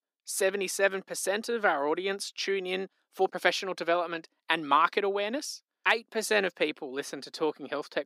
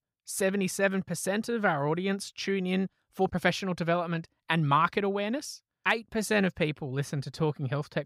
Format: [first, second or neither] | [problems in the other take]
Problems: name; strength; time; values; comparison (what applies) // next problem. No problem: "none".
second | thin; somewhat; fading below 250 Hz